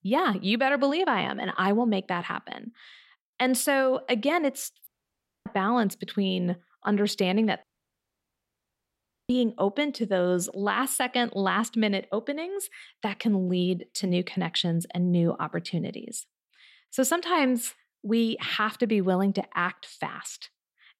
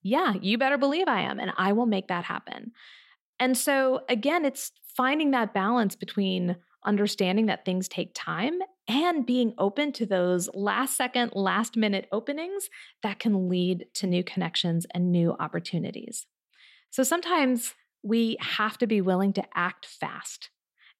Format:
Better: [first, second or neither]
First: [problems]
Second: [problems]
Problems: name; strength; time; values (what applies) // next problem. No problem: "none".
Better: second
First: audio cutting out; at 5 s for 0.5 s and at 7.5 s for 1.5 s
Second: none